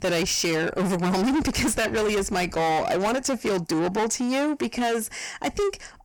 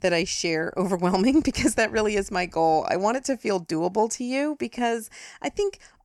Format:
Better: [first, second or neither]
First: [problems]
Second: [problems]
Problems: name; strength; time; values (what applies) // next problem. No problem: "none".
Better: second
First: distortion; heavy; 6 dB below the speech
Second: none